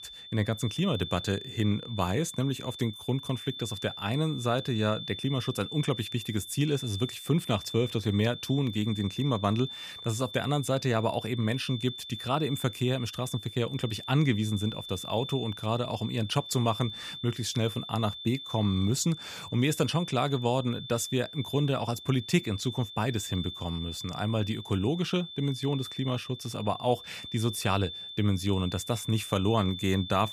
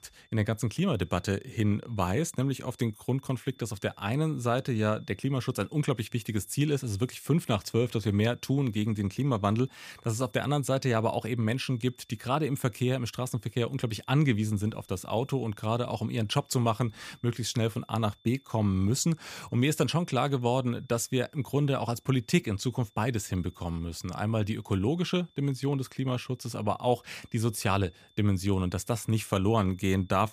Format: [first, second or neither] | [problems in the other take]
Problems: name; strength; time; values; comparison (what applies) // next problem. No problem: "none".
second | high-pitched whine; loud; throughout; 3.5 kHz, 10 dB below the speech; faint in the second